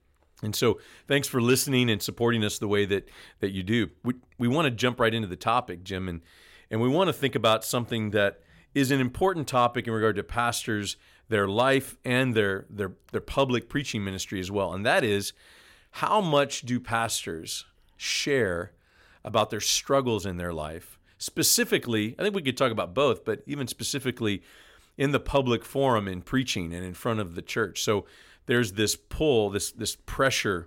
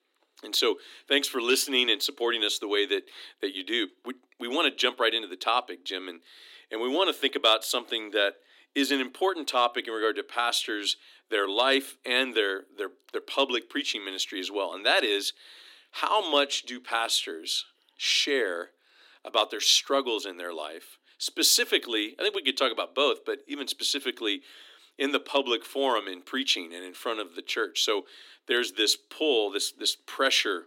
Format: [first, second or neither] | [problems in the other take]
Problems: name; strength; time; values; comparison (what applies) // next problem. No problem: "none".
first | thin; very slightly; fading below 250 Hz